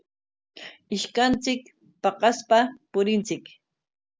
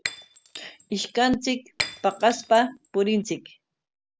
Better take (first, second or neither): first